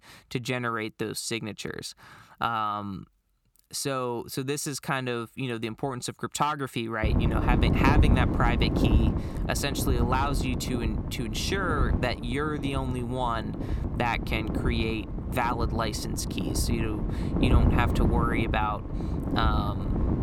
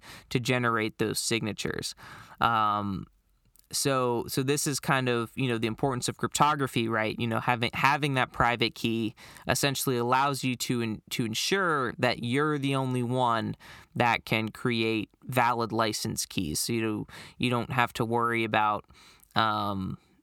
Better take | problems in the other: second | wind noise on the microphone; heavy; from 7 s on; 6 dB below the speech

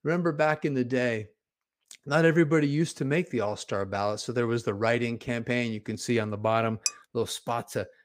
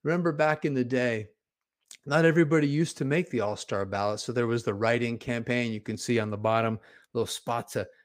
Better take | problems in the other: second | clattering dishes; very faint; at 7 s; peak 4 dB below the speech

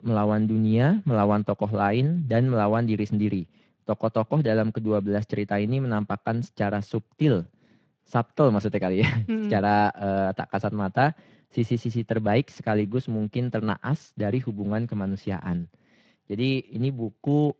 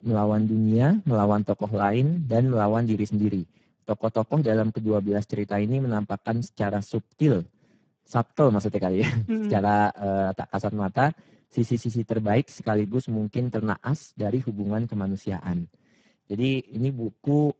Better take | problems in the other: first | garbled, watery; badly; nothing above 17.5 kHz; slightly in the first

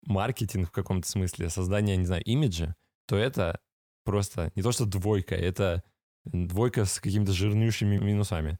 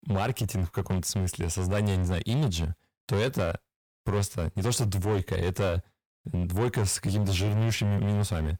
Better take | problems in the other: first | distortion; slight; 13% of the sound clipped

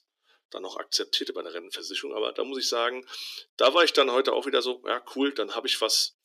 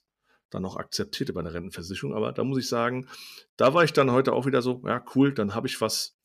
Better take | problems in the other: second | thin; somewhat; fading below 300 Hz

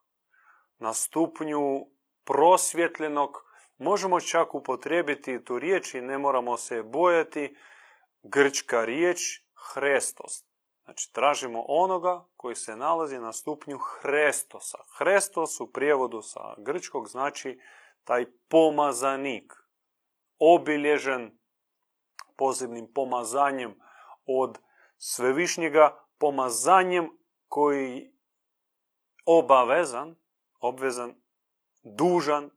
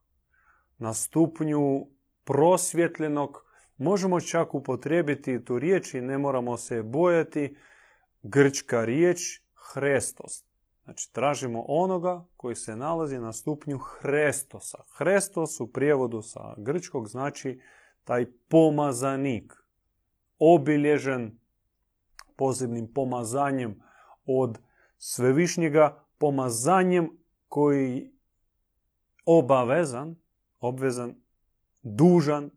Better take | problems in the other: second | thin; somewhat; fading below 400 Hz

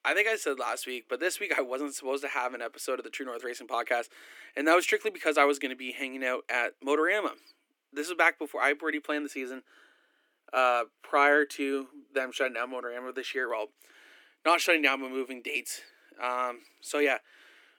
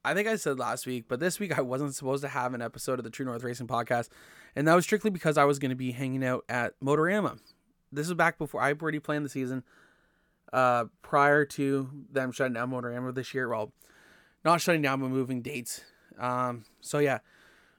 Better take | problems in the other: second | thin; very slightly; fading below 300 Hz

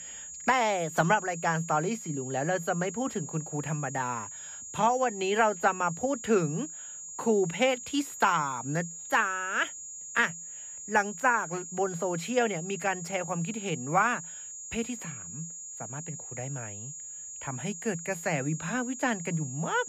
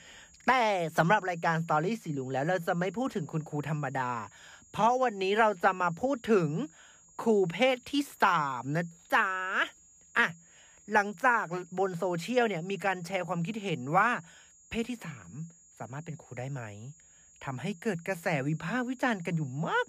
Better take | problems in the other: second | high-pitched whine; loud; throughout; 7 kHz, 10 dB below the speech; faint in the second

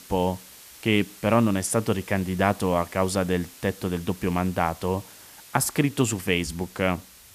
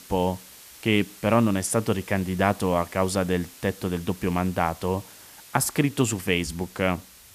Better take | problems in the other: neither | hiss; noticeable; throughout; 20 dB below the speech; the same in both

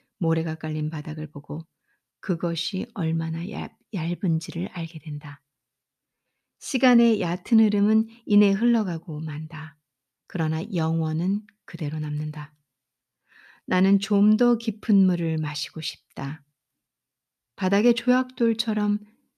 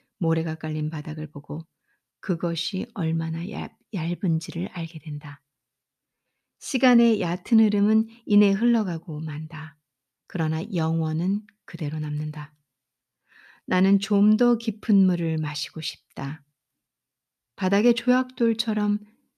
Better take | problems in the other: neither | none

